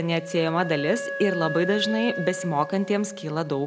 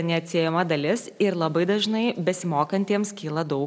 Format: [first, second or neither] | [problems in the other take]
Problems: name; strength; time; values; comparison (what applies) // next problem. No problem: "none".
second | background sound (Wind instrument, woodwind instrument); 9 dB below the speech